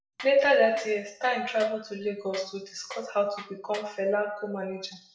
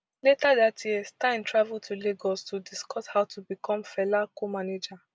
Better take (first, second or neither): second